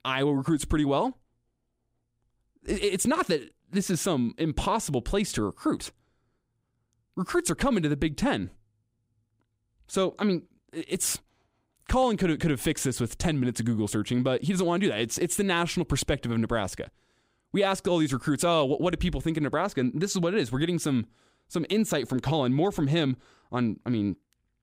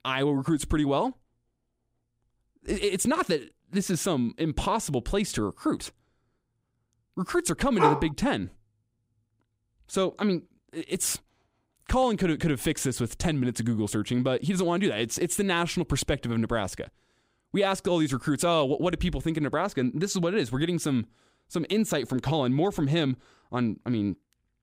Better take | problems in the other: first | dog barking; loud; at 8 s; peak 3 dB above the speech

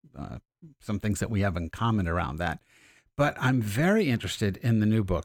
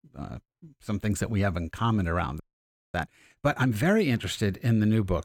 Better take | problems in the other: first | audio freezing; at 2.5 s for 0.5 s

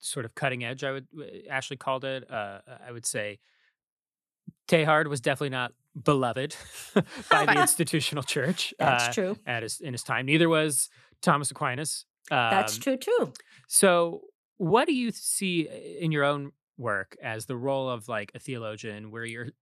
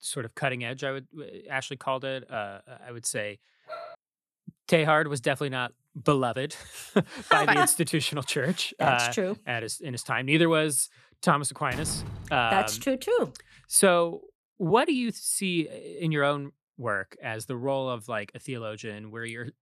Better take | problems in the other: first | dog barking; faint; at 3.5 s; peak 15 dB below the speech // door banging; noticeable; from 12 to 13 s; peak 10 dB below the speech

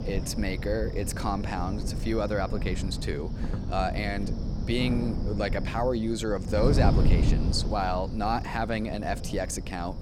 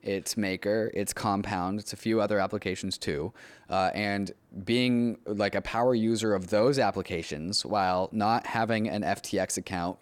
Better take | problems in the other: second | wind noise on the microphone; heavy; 10 dB below the speech

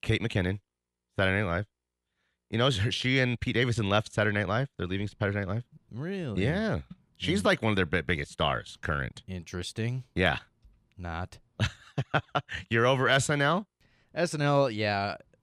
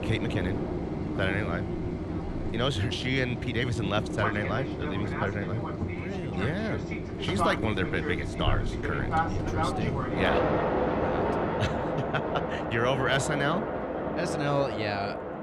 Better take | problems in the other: first | train or aircraft noise; very loud; throughout; as loud as the speech

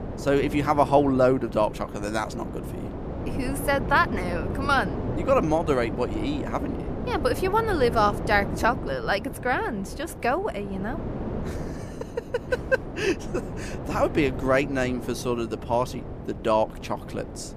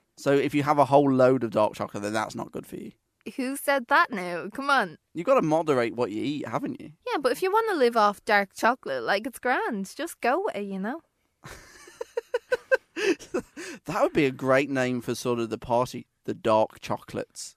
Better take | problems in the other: second | wind noise on the microphone; occasional gusts; 15 dB below the speech

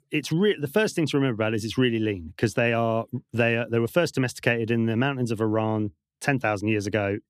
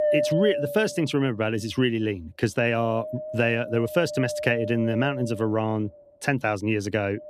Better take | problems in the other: first | wind noise on the microphone; heavy; 4 dB below the speech

